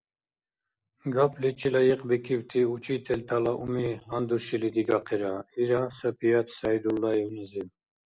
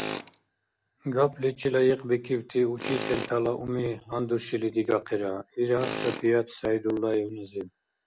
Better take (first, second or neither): first